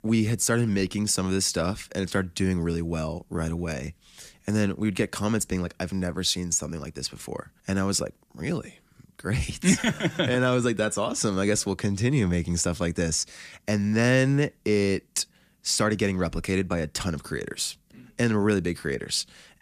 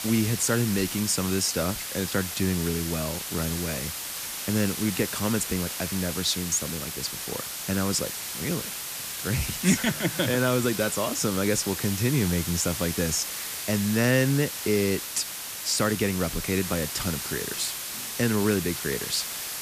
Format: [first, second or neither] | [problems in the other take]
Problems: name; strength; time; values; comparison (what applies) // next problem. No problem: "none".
first | hiss; loud; throughout; 4 dB below the speech